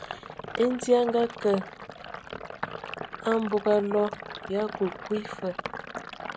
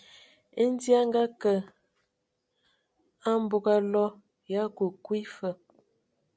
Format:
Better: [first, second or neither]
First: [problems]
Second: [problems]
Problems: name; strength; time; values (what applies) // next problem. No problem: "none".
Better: second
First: background sound (Sink (filling or washing)); 10 dB below the speech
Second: none